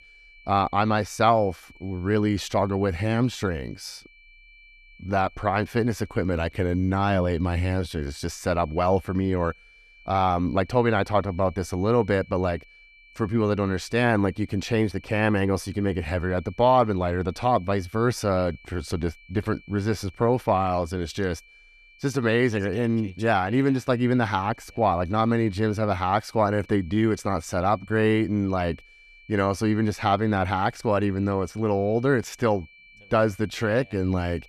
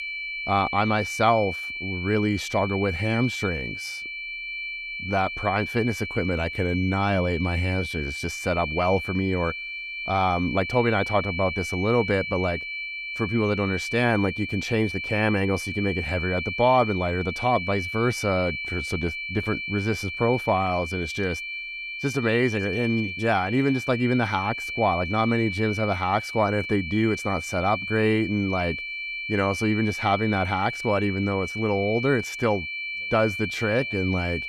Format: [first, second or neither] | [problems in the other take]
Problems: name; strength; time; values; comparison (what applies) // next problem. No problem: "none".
first | high-pitched whine; loud; throughout; 2.5 kHz, 5 dB below the speech; faint in the first